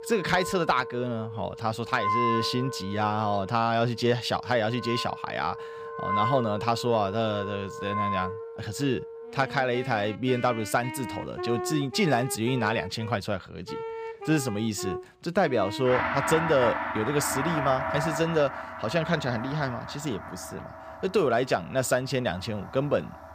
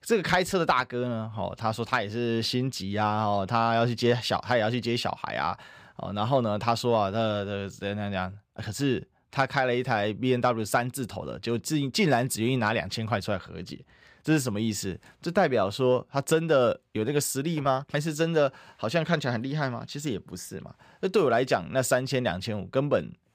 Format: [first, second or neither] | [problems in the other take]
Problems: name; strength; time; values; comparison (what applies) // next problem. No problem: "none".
second | background music; loud; throughout; 6 dB below the speech